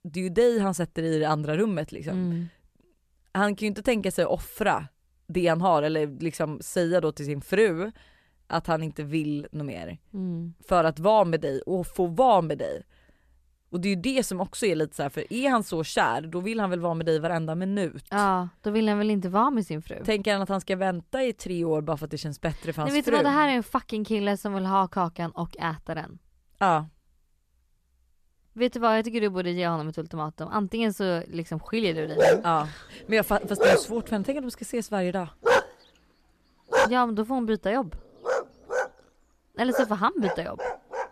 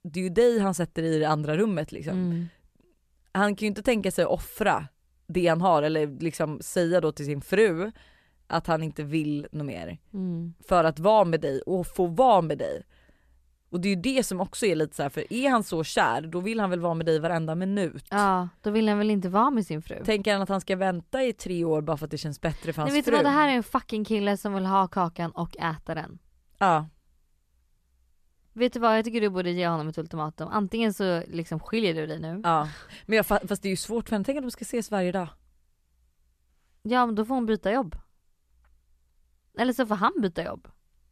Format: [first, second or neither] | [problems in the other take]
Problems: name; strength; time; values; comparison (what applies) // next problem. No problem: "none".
second | dog barking; loud; from 32 s on; peak 5 dB above the speech